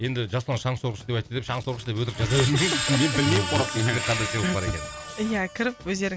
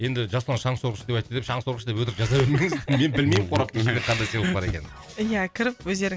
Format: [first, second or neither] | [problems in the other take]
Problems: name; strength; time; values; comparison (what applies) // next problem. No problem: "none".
second | background sound (Screech); 7 dB below the speech